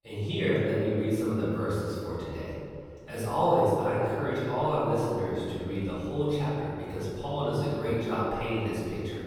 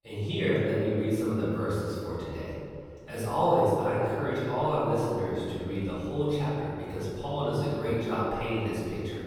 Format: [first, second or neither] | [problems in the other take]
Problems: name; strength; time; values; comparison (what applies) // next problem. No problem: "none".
neither | room echo; strong; dies away in 2.1 s; the same in both // off-mic speech; far; the same in both